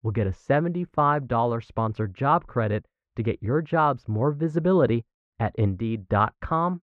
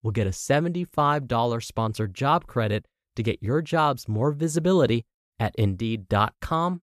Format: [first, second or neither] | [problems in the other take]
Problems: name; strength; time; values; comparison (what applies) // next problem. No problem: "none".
second | muffled; very; fading above 1.5 kHz